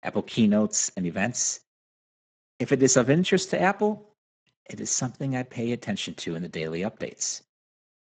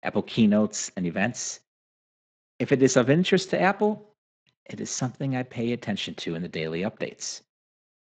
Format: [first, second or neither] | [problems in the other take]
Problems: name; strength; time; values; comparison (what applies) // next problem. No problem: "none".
second | garbled, watery; badly; nothing above 7.5 kHz; slightly in the second